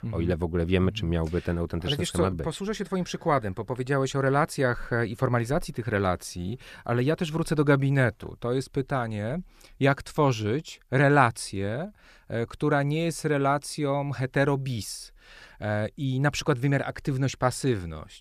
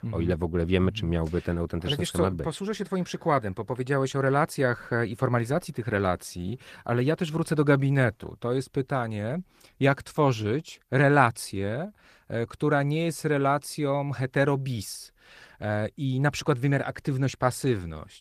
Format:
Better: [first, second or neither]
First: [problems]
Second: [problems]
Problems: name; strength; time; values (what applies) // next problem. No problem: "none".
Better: first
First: none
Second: garbled, watery; slightly; nothing above 14.5 kHz